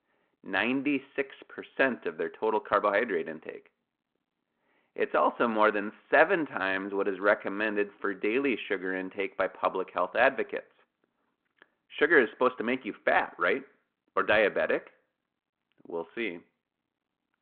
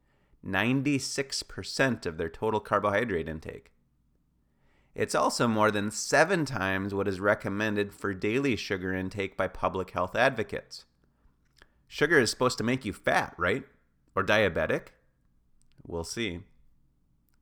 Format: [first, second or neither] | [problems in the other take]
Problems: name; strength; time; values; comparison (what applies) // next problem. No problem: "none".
second | phone-call audio